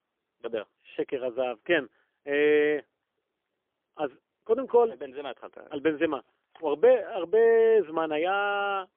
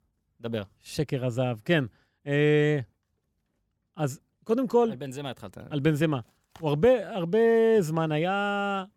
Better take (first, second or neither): second